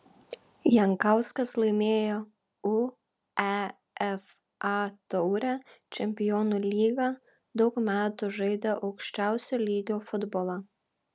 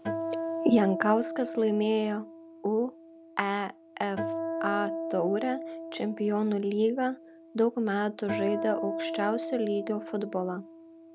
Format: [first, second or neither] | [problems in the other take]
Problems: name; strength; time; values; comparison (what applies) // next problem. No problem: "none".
first | background sound (Acoustic guitar); 7 dB below the speech